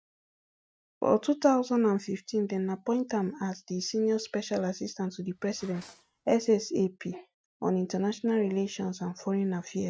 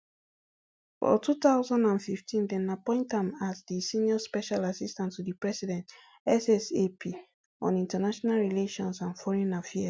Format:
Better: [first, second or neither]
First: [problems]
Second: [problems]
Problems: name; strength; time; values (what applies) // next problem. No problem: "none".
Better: second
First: noise reduction (neural mask model RNNoise)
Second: none